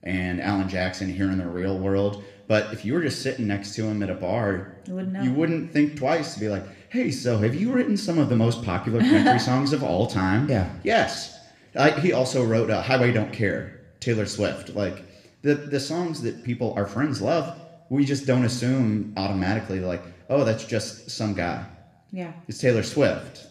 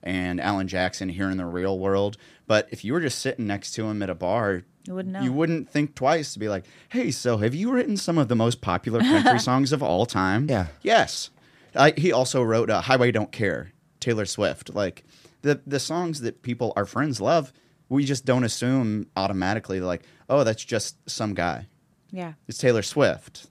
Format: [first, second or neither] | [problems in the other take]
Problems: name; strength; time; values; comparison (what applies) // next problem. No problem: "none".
second | room echo; very slight; dies away in 0.7 s